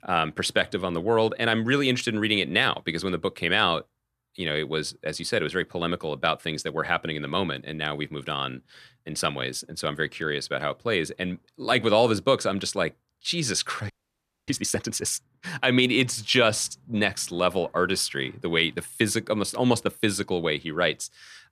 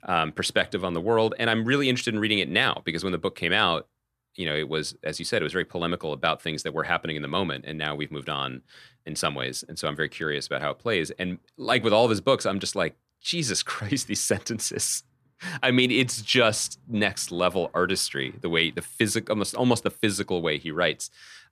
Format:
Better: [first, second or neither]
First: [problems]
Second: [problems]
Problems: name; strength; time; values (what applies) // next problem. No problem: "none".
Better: second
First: audio freezing; at 14 s for 0.5 s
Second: none